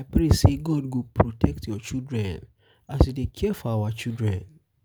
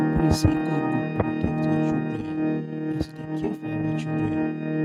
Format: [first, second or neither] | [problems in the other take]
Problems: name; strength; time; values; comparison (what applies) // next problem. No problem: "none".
first | noise reduction (neural mask model RNNoise)